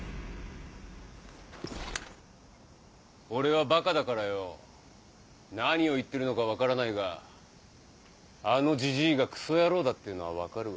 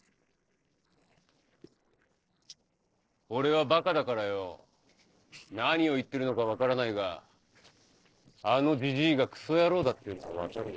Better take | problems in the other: first | noise reduction (neural separator model SepFormer DNS4)

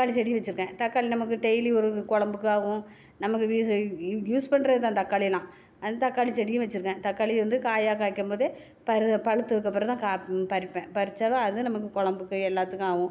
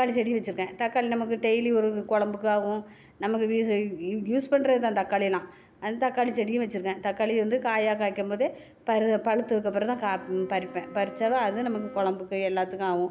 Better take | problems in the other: first | background sound (Wind instrument, woodwind instrument); 18 dB below the speech

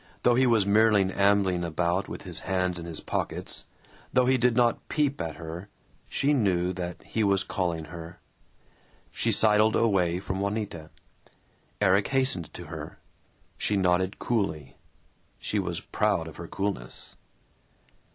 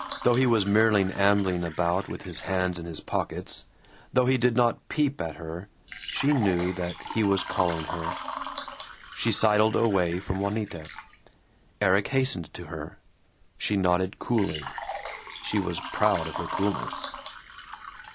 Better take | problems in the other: first | background sound (Water / Liquid); 12 dB below the speech

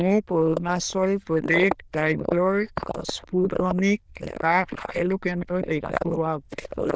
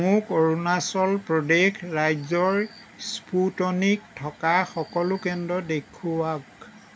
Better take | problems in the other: second | noise reduction (neural diffusion model UNIVERSE++)

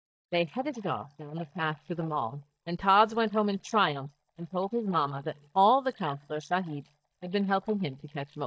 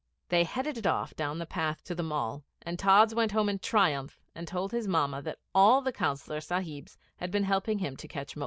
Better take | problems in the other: second | noise reduction (neural mask model DeepFilterNet 3)

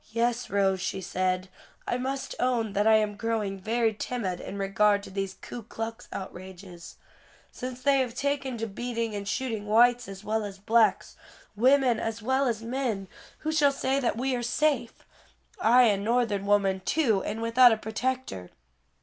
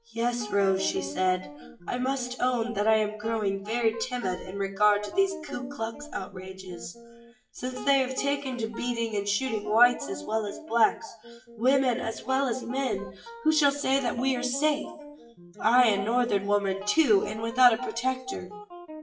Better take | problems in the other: first | noise reduction (classical method WPE with log-MMSE)

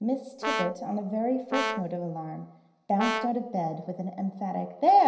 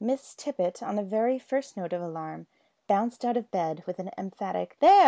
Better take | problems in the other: second | background sound (Brass instrument); 7 dB below the speech // room echo; dies away in 0.9 s

